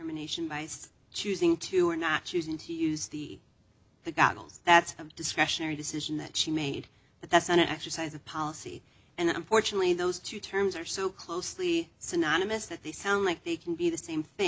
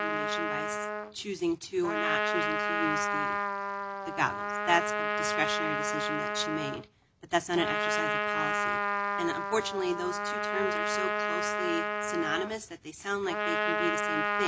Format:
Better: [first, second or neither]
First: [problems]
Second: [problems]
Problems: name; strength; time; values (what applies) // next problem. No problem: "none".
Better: first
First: none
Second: background sound (Trumpet); 3 dB above the speech